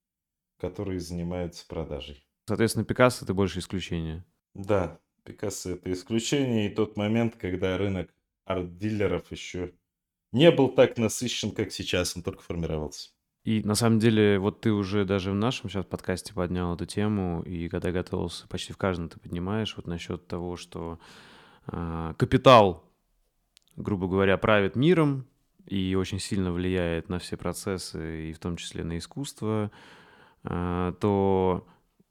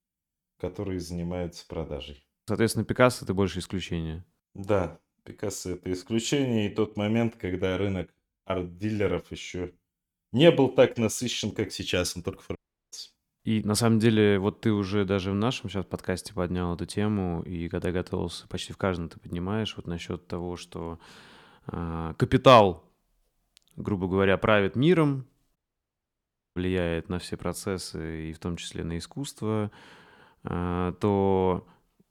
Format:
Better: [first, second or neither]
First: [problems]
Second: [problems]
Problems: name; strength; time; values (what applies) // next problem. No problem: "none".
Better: first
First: none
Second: audio cutting out; at 13 s and at 26 s for 1 s